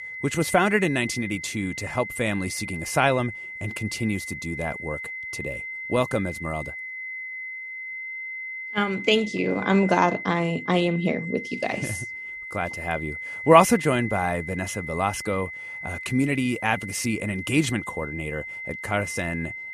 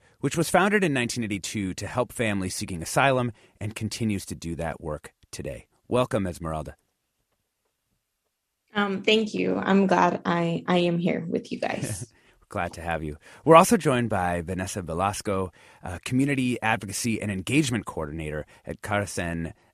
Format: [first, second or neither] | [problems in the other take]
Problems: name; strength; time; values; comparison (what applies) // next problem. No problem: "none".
second | high-pitched whine; loud; throughout; 2 kHz, 8 dB below the speech